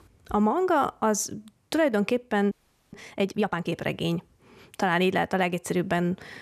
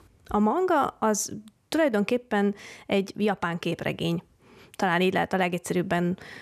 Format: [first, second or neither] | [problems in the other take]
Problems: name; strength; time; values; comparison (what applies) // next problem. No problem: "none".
second | audio freezing; at 2.5 s